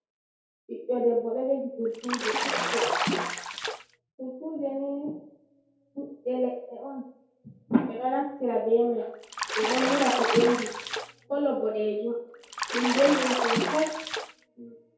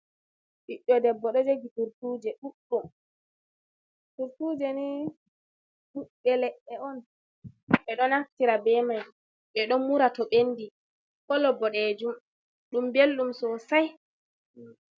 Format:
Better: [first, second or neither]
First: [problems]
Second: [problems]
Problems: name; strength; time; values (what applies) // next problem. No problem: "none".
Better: second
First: background sound (Bathtub (filling or washing) / Splash, splatter); 1 dB below the speech // room echo; dies away in 2.3 s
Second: none